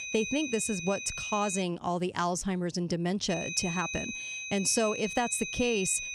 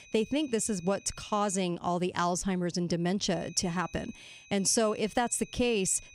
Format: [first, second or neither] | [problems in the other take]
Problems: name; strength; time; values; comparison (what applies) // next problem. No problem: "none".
second | high-pitched whine; loud; until 1.5 s and from 3.5 s on; 2.5 kHz, 5 dB below the speech; faint in the second